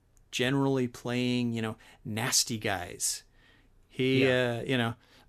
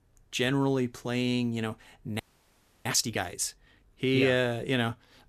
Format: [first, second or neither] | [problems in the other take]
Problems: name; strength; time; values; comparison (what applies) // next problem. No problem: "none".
first | audio freezing; at 2 s for 0.5 s